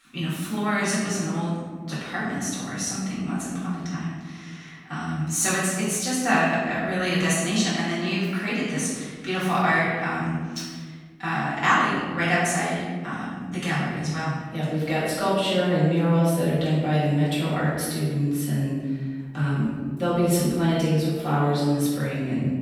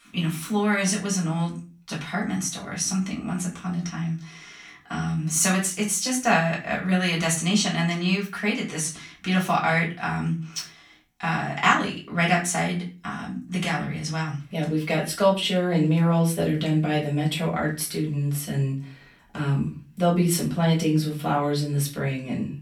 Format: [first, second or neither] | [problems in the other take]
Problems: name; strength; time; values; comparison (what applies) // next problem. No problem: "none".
second | room echo; strong; dies away in 1.5 s; slight in the second // off-mic speech; far; far in the second